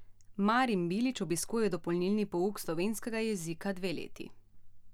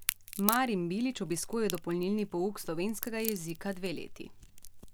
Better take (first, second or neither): first